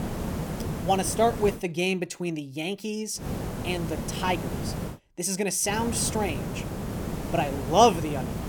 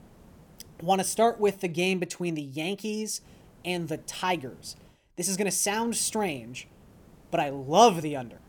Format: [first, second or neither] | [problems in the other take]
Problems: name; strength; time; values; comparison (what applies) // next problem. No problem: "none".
second | hiss; loud; until 1.5 s, from 3 to 5 s and from 5.5 s on; 6 dB below the speech; faint in the second